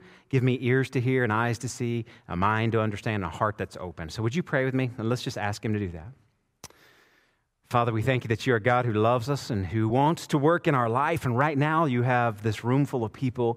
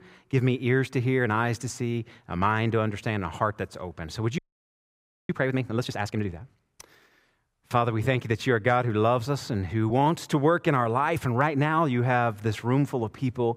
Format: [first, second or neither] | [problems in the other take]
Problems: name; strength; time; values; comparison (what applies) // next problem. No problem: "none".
first | audio freezing; at 4.5 s for 1 s